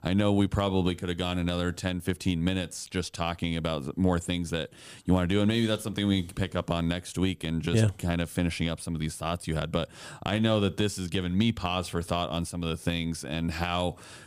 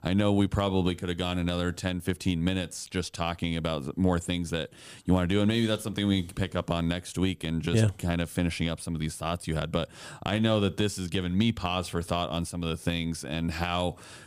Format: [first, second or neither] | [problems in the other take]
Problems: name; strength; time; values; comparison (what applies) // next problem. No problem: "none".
neither | none